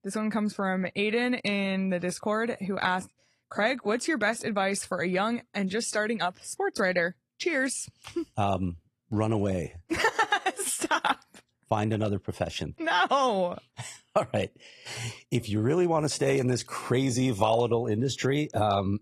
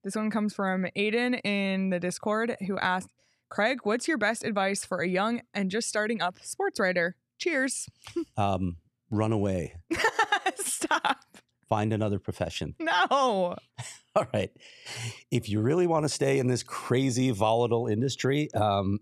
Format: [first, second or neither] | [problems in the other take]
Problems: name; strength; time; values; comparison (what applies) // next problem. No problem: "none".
second | garbled, watery; slightly